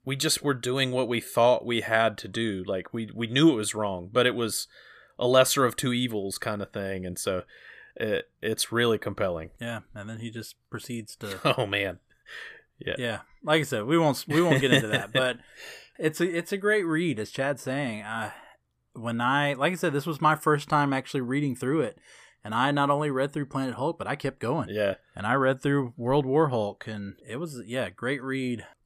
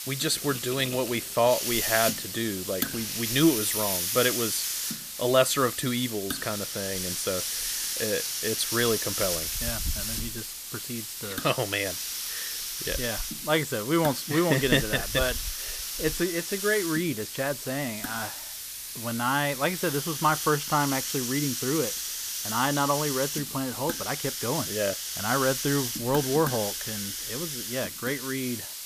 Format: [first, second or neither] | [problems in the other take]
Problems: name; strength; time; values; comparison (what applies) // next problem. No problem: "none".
first | hiss; loud; throughout; 2 dB below the speech